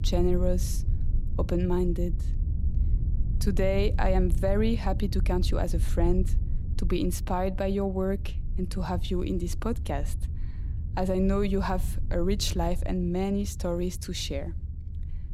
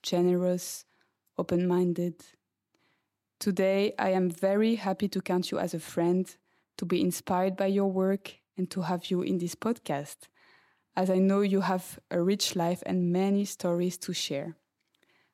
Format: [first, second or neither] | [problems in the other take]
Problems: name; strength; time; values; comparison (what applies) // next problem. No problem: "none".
second | low rumble; noticeable; throughout; 15 dB below the speech